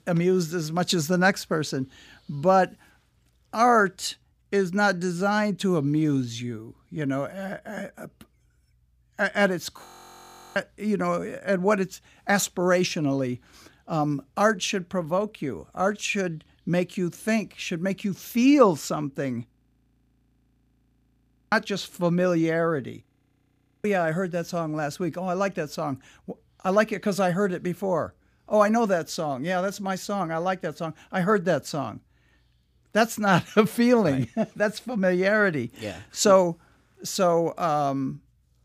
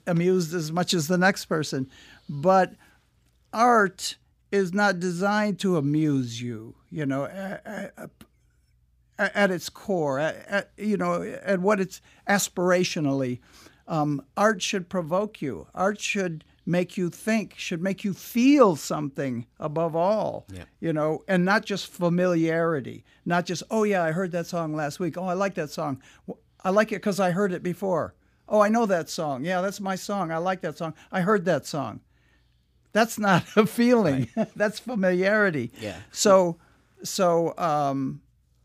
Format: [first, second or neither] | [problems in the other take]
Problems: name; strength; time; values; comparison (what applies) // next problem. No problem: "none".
second | audio freezing; at 10 s for 0.5 s, at 20 s for 2 s and at 23 s for 1 s